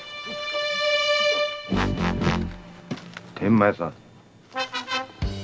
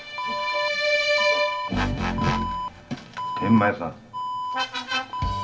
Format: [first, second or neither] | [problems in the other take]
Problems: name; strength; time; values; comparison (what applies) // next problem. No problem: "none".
first | background sound (Alarm); 6 dB below the speech // room echo; dies away in 0.4 s